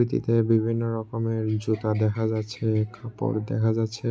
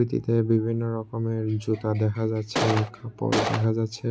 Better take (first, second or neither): first